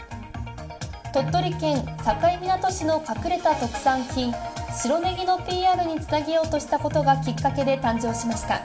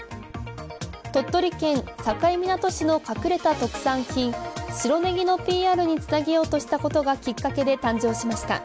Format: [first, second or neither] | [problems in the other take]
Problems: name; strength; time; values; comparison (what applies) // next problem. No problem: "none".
second | background sound (Keyboard (musical)); 12 dB below the speech // room echo; dies away in 0.8 s